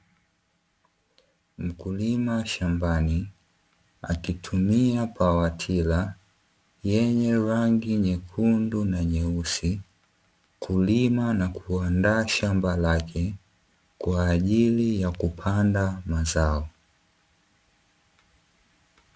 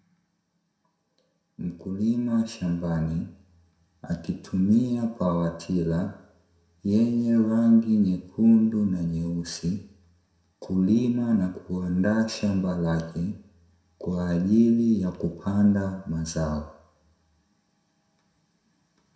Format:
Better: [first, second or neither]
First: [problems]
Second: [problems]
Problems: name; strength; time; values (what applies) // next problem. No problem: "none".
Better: first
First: none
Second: room echo; dies away in 0.5 s